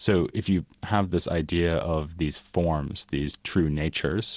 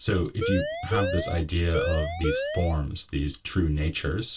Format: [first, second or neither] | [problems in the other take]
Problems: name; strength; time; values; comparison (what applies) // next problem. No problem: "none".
first | background sound (Siren); 2 dB below the speech // room echo; dies away in 0.2 s